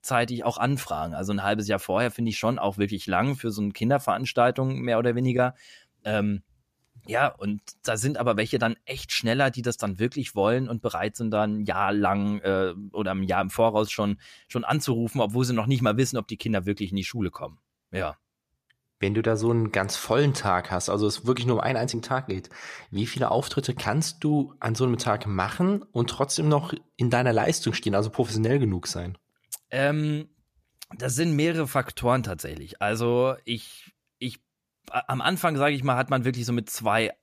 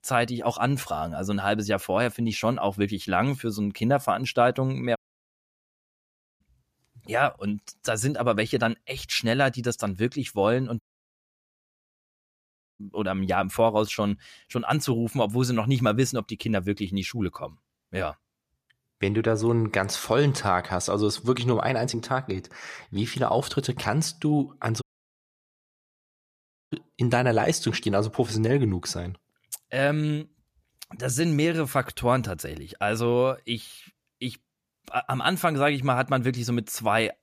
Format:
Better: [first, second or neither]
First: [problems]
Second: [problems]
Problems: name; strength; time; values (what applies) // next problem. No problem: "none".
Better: first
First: none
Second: audio cutting out; at 5 s for 1.5 s, at 11 s for 2 s and at 25 s for 2 s